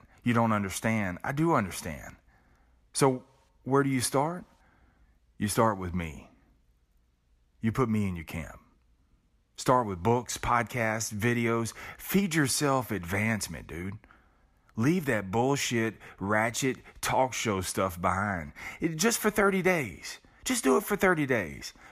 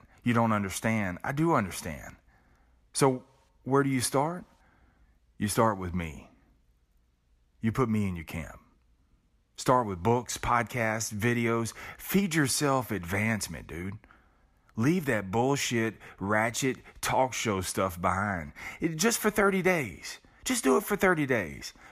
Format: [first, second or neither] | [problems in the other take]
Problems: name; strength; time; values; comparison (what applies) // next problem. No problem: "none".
neither | none